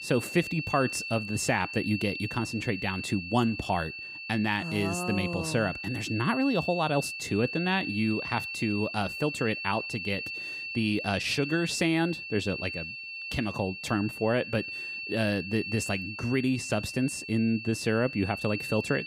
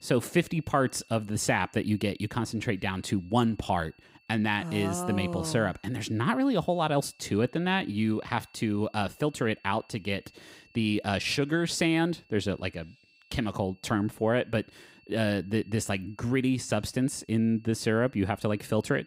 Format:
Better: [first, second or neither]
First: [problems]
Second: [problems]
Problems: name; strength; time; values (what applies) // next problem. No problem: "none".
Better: second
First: high-pitched whine; loud; throughout; 2.5 kHz, 6 dB below the speech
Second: high-pitched whine; faint; throughout; 2.5 kHz, 30 dB below the speech